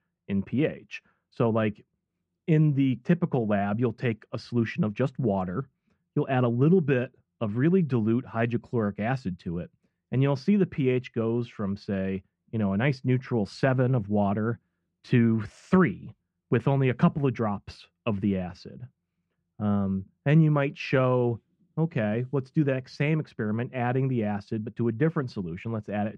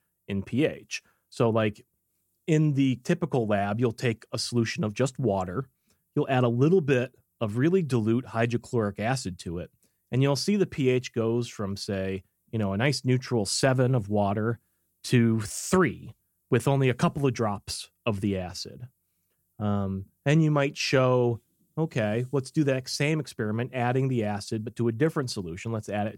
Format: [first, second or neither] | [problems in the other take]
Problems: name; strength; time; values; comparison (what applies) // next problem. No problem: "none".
second | muffled; slightly; fading above 2 kHz